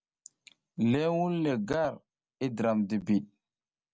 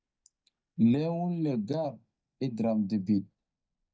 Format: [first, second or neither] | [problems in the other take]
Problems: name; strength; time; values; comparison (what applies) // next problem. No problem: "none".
first | noise reduction (neural mask model DeepFilterNet 3)